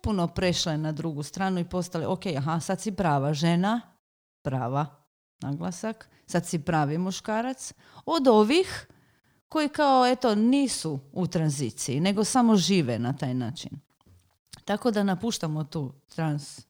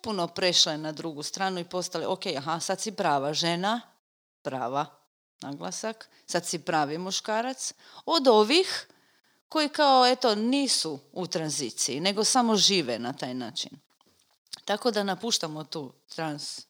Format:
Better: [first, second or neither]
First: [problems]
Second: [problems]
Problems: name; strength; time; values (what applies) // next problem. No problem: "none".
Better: first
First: none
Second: thin; very slightly; fading below 300 Hz